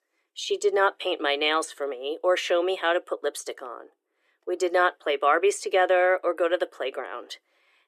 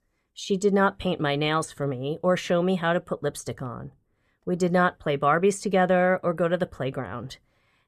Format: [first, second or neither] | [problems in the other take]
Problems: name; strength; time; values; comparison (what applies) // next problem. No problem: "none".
second | thin; very; fading below 350 Hz